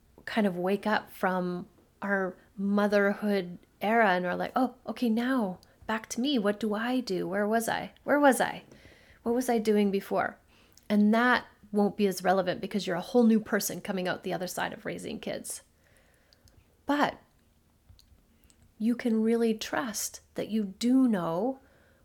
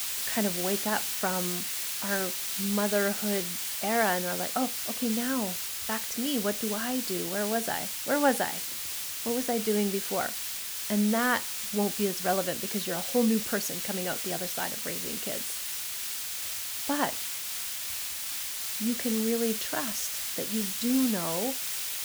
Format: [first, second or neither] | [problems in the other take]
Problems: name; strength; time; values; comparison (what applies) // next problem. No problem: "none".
first | hiss; loud; throughout; as loud as the speech